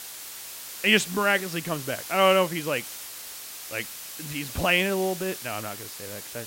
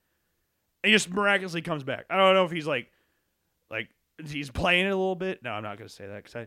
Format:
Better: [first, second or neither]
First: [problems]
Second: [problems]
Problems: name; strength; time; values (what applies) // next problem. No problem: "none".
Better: second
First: hiss; noticeable; throughout; 10 dB below the speech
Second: none